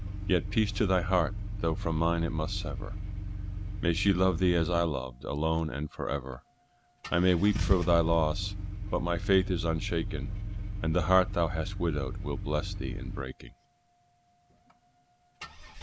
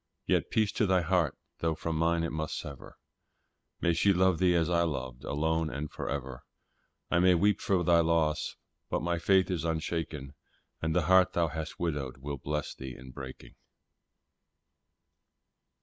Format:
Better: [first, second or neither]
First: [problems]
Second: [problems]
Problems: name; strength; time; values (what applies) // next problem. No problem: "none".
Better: second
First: background sound (Engine starting / Car); 5 dB below the speech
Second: none